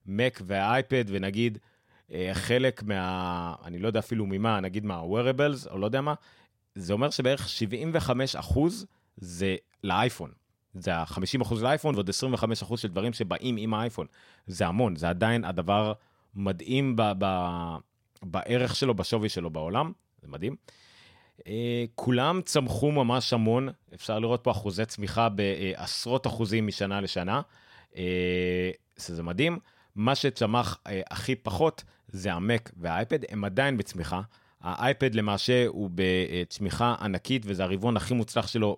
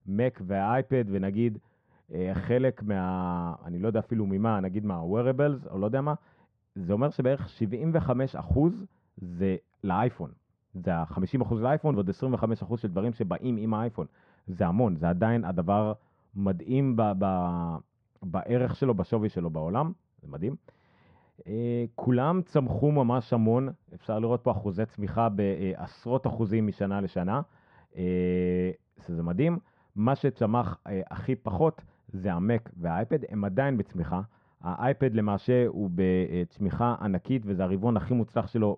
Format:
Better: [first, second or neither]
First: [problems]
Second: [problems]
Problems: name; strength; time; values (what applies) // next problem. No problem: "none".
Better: first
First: none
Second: muffled; very; fading above 1 kHz